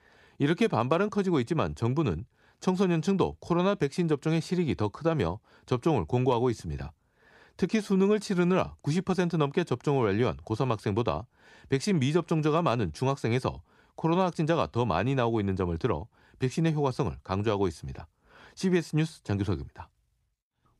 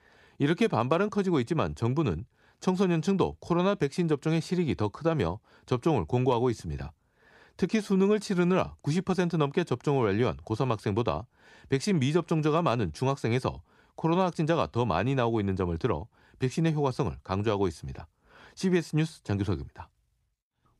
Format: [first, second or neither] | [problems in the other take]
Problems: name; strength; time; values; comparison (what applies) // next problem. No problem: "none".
neither | none